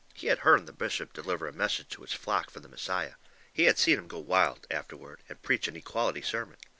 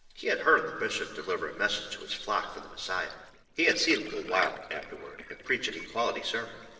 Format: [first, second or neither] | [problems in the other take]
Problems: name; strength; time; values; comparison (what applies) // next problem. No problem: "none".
first | noise reduction (neural separator model SepFormer DNS4)